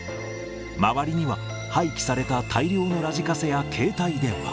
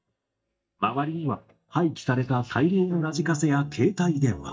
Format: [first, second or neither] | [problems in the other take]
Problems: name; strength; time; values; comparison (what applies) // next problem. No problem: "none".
first | noise reduction (neural mask model DeepFilterNet 3)